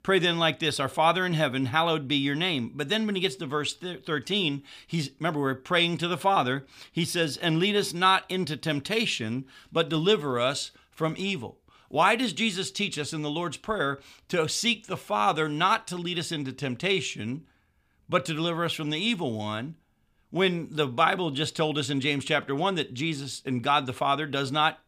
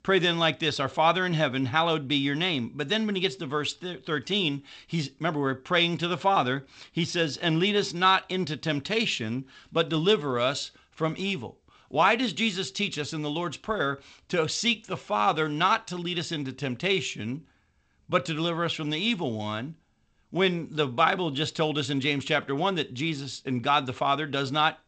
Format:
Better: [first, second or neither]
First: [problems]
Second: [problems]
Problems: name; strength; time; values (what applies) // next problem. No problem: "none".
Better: first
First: none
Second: garbled, watery; slightly; nothing above 8 kHz